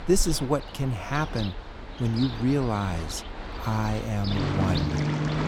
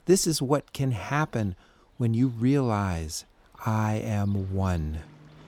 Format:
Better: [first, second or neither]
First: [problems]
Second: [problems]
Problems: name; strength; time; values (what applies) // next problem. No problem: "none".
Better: second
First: rain or running water; loud; throughout; 5 dB below the speech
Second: rain or running water; faint; throughout; 30 dB below the speech